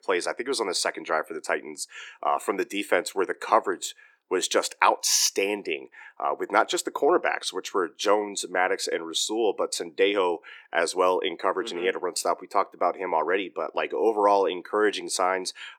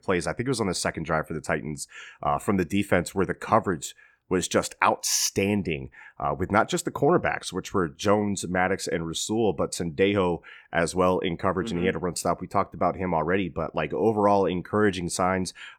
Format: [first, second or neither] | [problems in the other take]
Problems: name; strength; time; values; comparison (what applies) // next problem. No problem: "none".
second | thin; somewhat; fading below 350 Hz